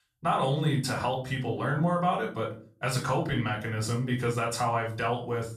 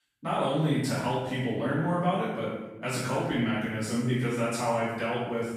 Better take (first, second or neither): first